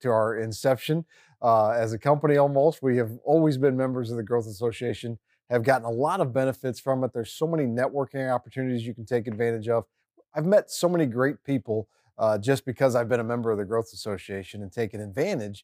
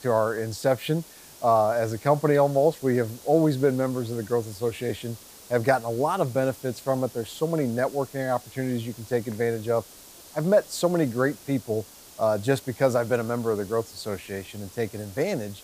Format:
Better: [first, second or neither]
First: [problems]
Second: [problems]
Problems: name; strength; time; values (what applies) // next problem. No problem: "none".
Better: first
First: none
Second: hiss; noticeable; throughout; 20 dB below the speech